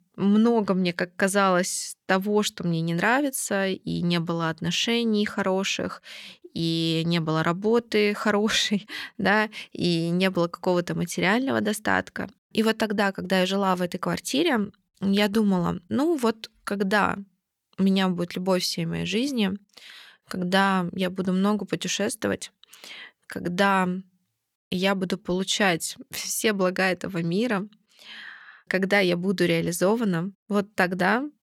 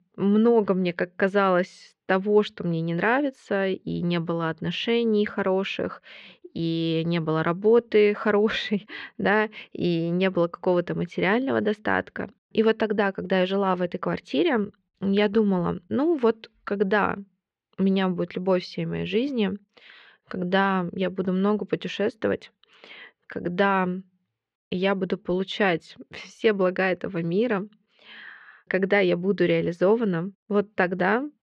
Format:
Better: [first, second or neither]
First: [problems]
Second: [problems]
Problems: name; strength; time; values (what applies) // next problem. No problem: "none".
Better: first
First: none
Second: muffled; slightly; fading above 3 kHz